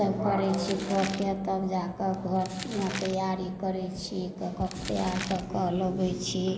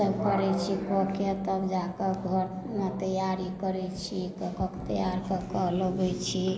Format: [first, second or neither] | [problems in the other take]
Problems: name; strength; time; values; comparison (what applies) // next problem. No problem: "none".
second | background sound (Crumpling, crinkling); 14 dB below the speech